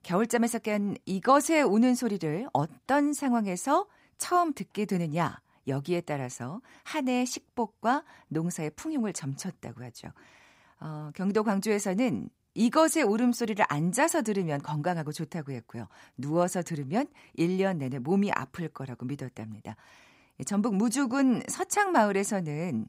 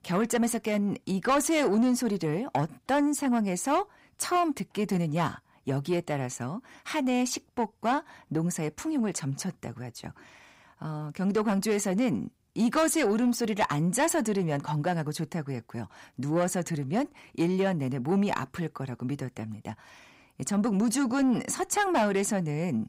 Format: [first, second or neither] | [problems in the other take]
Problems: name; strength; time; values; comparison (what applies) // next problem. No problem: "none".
first | distortion; slight; 10 dB below the speech